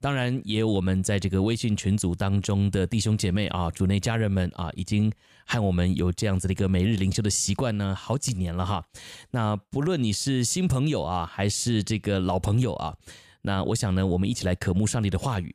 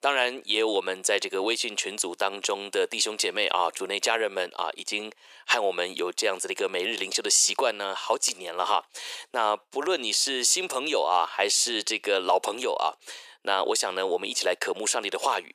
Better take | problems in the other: first | thin; very; fading below 400 Hz

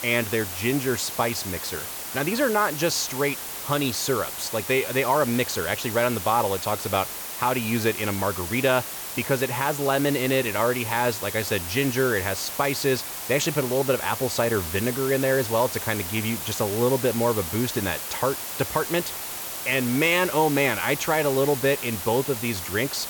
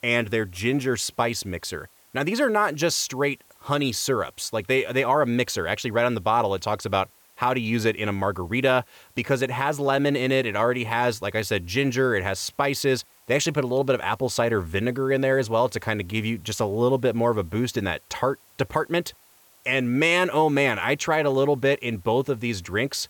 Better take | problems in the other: second | hiss; loud; throughout; 6 dB below the speech; faint in the second

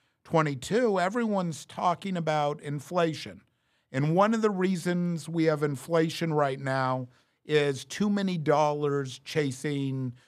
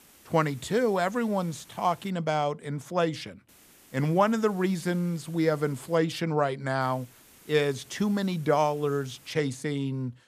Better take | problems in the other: first | hiss; faint; until 2 s, from 3.5 to 6 s and from 7 to 9.5 s; 25 dB below the speech

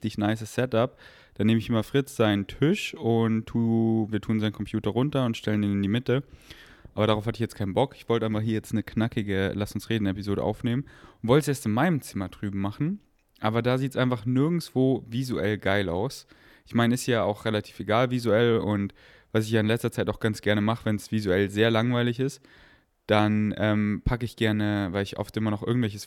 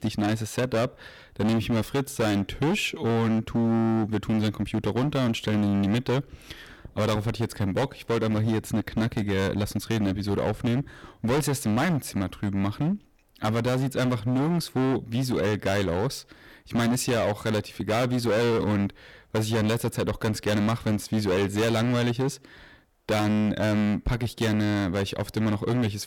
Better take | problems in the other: first | distortion; heavy; 21% of the sound clipped

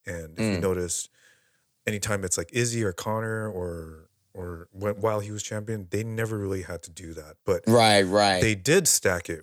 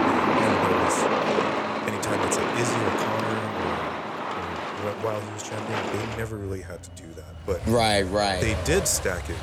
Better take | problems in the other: first | traffic noise; very loud; throughout; 1 dB above the speech

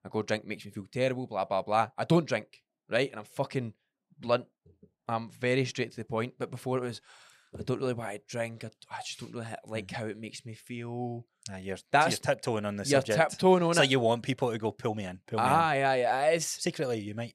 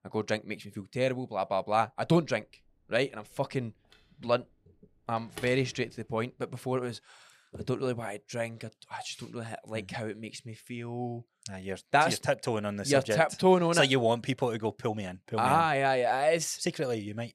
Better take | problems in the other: first | phone ringing; faint; from 2 to 6 s; peak 15 dB below the speech

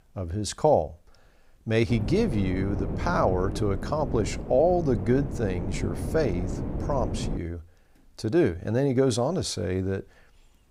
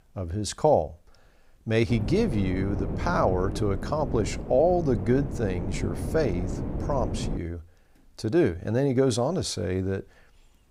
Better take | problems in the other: neither | wind noise on the microphone; occasional gusts; from 2 to 7.5 s; 10 dB below the speech; the same in both

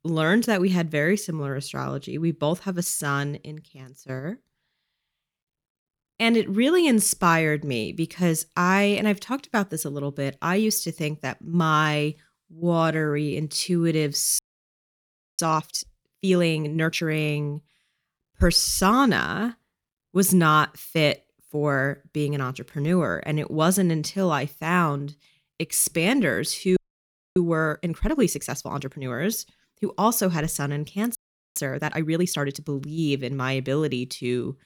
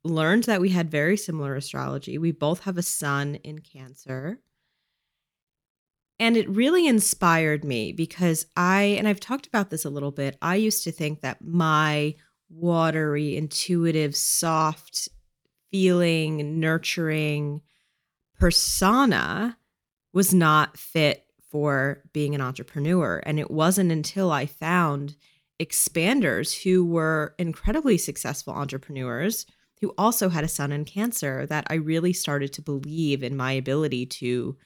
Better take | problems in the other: second | audio freezing; at 14 s for 1 s, at 27 s for 0.5 s and at 31 s

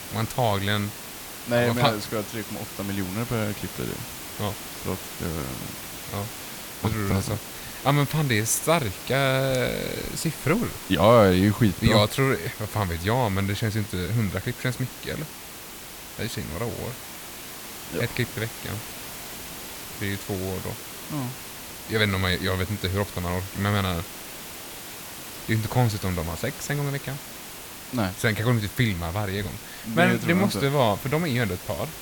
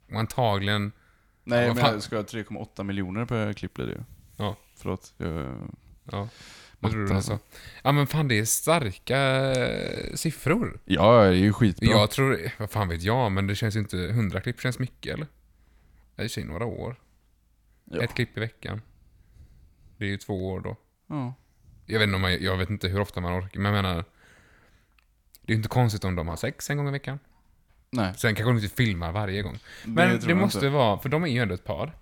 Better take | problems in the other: second | hiss; noticeable; throughout; 10 dB below the speech

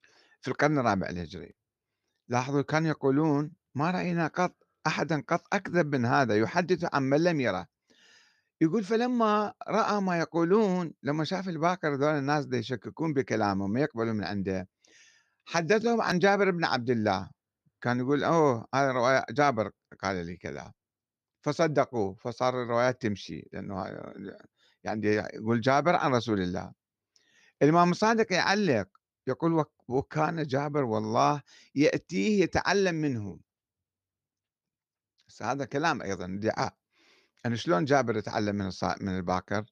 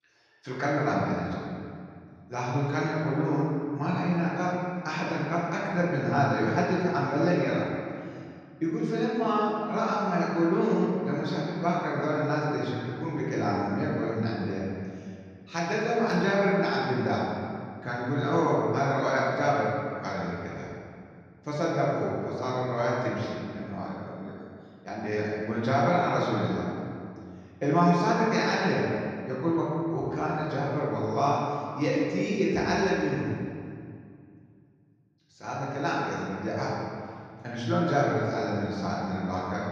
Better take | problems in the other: first | off-mic speech; far // room echo; strong; dies away in 2.2 s

